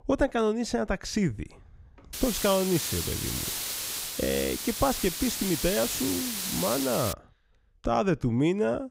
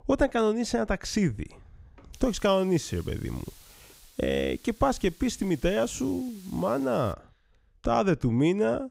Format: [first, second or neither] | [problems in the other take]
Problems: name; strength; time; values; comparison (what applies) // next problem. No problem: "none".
second | hiss; loud; from 2 to 7 s; 3 dB below the speech; faint in the second